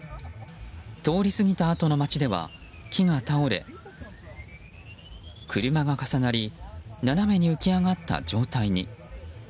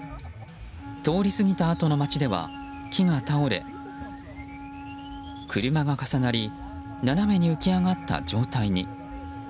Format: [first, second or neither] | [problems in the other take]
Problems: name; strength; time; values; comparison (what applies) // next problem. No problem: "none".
first | background sound (Wind instrument, woodwind instrument); 14 dB below the speech